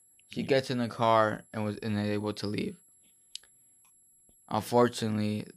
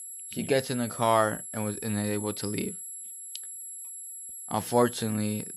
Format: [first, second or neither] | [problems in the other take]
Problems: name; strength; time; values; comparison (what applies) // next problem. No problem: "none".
first | high-pitched whine; loud; throughout; 11 kHz, 9 dB below the speech; faint in the first